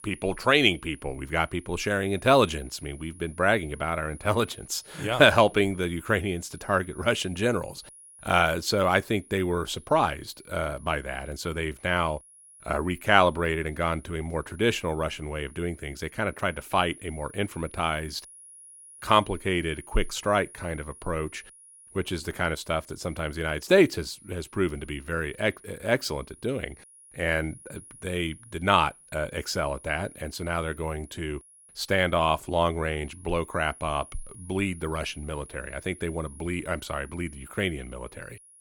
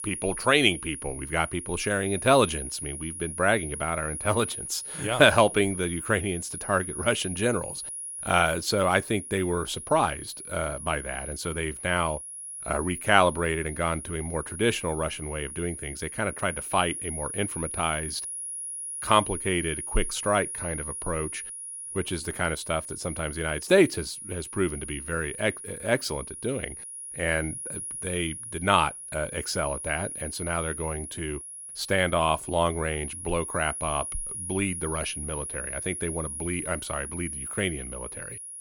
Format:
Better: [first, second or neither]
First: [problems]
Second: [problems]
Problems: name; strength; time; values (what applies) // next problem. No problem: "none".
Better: first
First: high-pitched whine; faint; throughout; 10.5 kHz, 20 dB below the speech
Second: high-pitched whine; loud; throughout; 10.5 kHz, 7 dB below the speech